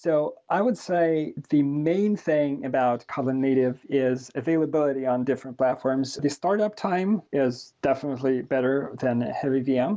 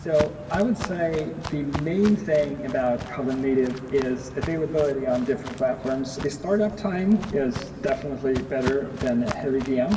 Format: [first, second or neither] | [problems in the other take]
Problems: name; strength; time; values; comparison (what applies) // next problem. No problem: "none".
first | background sound (Walk, footsteps); 11 dB below the speech // room echo; dies away in 2 s